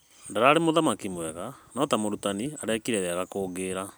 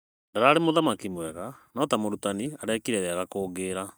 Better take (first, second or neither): first